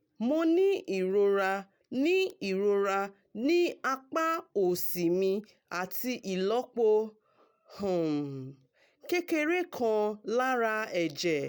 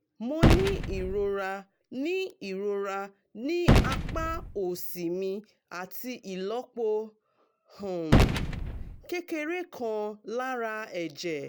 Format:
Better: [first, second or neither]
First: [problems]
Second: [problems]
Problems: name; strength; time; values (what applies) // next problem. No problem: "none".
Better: first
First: none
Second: background sound (Gunshot, gunfire); 4 dB above the speech